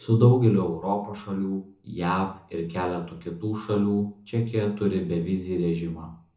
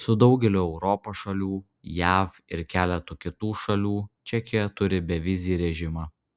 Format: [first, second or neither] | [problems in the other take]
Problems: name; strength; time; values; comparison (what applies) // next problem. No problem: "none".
second | room echo; dies away in 0.6 s